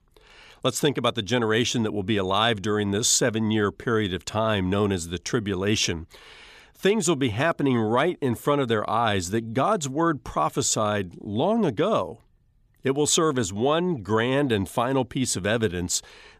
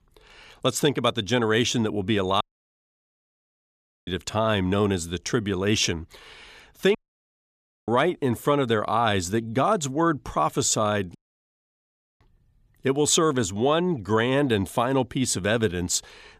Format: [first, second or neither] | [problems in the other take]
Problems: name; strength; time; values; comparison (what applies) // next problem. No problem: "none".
first | audio cutting out; at 2.5 s for 1.5 s, at 7 s for 1 s and at 11 s for 1 s